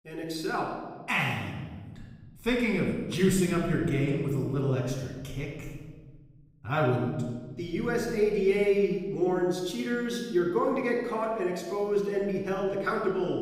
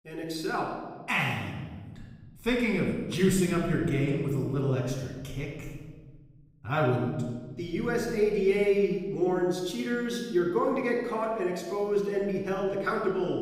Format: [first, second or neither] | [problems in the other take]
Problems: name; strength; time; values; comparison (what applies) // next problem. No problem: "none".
neither | off-mic speech; far; the same in both // room echo; noticeable; dies away in 1.5 s; the same in both